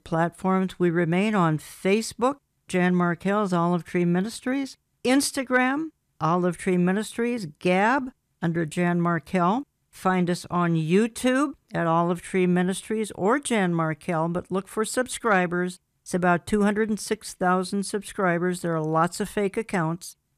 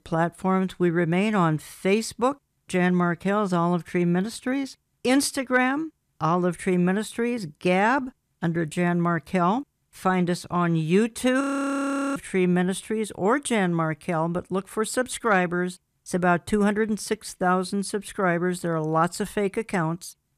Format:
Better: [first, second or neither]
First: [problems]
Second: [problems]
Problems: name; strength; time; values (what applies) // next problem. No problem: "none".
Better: first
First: none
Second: audio freezing; at 11 s for 0.5 s